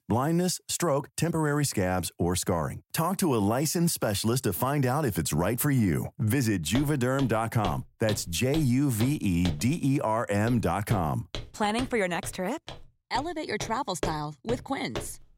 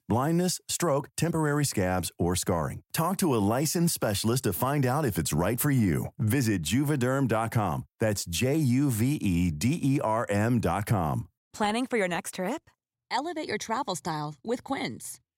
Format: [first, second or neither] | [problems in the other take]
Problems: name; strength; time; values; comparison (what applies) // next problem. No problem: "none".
second | footsteps; noticeable; from 7 s on; peak 8 dB below the speech